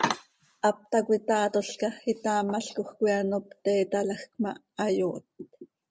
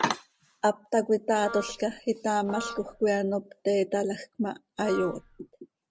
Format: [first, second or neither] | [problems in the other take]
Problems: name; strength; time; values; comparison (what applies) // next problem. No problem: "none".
first | background sound (Wind instrument, woodwind instrument); 13 dB below the speech